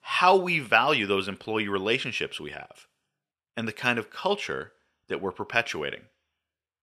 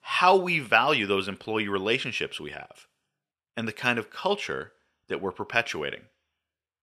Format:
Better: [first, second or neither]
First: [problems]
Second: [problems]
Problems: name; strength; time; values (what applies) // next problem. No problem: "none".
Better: neither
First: thin; somewhat; fading below 950 Hz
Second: thin; somewhat; fading below 950 Hz